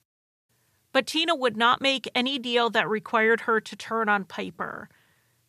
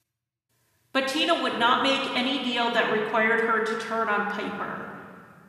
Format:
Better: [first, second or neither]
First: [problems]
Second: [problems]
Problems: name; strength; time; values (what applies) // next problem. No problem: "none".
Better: first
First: none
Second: room echo; noticeable; dies away in 1.9 s // off-mic speech; somewhat distant